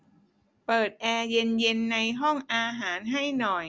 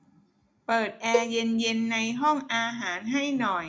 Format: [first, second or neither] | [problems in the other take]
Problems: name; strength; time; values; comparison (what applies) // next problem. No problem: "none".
first | background sound (Cowbell); 5 dB below the speech // room echo; dies away in 0.2 s